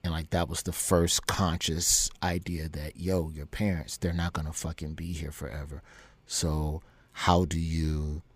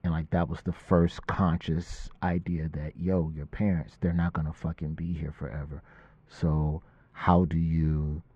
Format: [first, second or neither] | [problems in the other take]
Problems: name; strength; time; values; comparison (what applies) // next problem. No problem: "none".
first | muffled; very; fading above 1.5 kHz